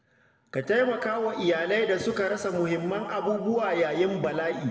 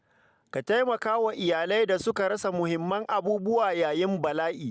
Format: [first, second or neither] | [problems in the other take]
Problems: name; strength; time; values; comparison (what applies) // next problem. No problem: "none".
second | room echo; dies away in 1.7 s